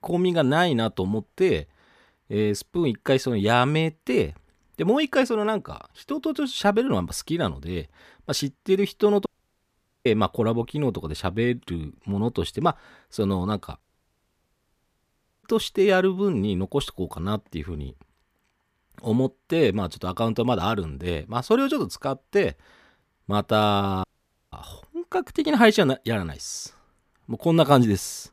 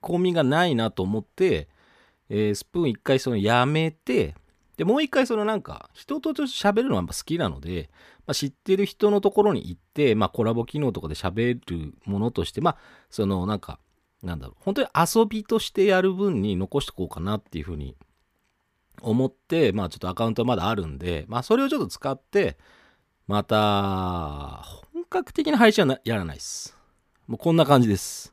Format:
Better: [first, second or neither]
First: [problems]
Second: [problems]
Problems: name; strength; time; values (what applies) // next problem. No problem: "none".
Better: second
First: audio cutting out; at 9.5 s for 1 s, at 14 s for 1.5 s and at 24 s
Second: none